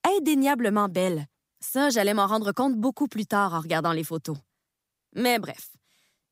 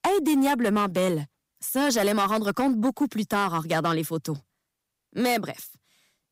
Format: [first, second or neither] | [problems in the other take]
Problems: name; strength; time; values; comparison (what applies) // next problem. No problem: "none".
first | distortion; slight; 7% of the sound clipped